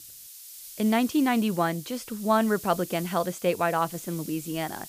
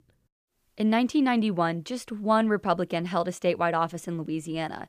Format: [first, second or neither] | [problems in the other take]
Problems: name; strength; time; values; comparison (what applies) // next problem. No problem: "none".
second | hiss; noticeable; throughout; 15 dB below the speech